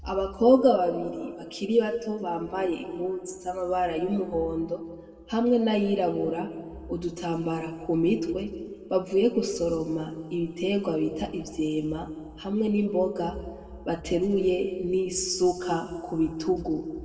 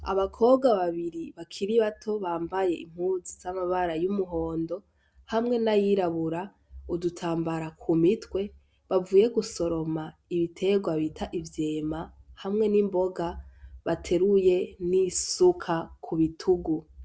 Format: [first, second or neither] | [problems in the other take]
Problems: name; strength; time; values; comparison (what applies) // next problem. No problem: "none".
second | room echo; dies away in 1.5 s